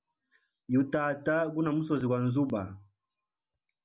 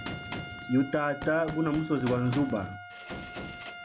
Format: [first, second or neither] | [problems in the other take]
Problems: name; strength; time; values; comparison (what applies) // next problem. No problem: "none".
first | background sound (Gunshot, gunfire + Trumpet); 9 dB below the speech